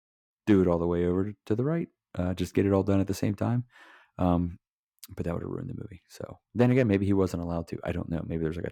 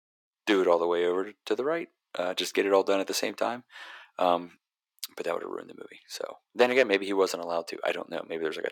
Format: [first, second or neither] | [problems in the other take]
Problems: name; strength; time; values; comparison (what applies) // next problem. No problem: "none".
first | thin; very; fading below 450 Hz